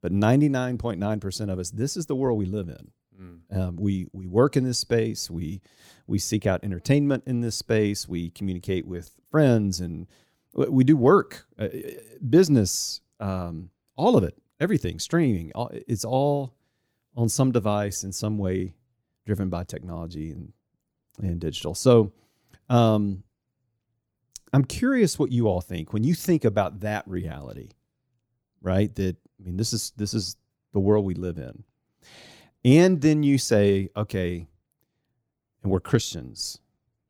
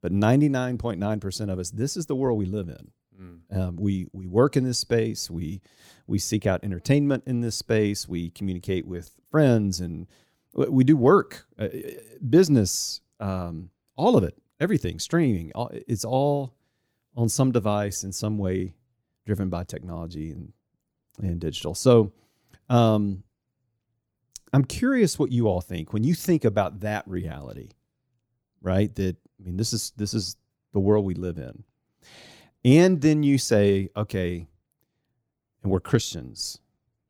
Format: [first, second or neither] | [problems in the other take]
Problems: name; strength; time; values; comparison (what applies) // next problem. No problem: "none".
neither | none